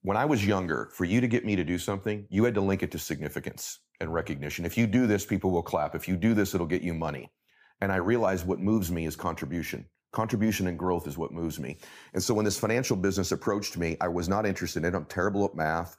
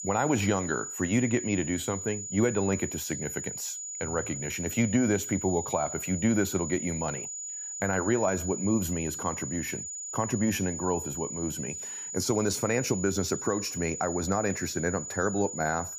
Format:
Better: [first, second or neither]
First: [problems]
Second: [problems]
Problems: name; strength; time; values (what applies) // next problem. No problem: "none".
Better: first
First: none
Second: high-pitched whine; loud; throughout; 7 kHz, 5 dB below the speech